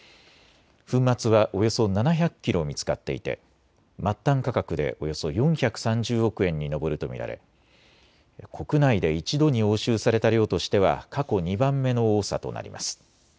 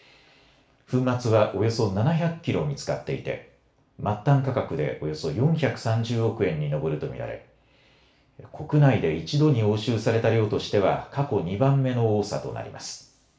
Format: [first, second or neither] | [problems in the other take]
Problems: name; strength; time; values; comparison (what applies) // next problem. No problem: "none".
first | room echo; dies away in 0.4 s